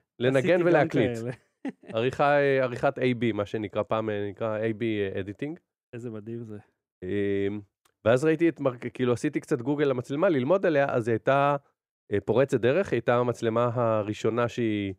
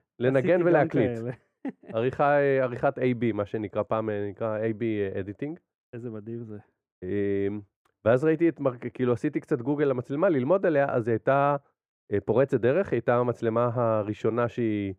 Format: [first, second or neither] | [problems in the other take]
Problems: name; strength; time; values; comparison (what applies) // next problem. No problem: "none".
first | muffled; slightly; fading above 2.5 kHz